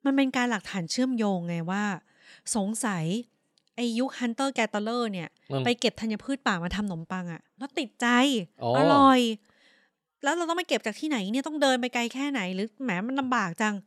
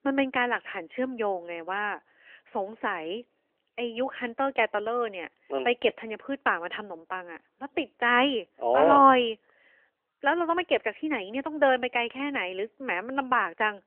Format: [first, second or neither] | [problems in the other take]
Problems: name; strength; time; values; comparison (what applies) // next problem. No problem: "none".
first | phone-call audio; nothing above 3 kHz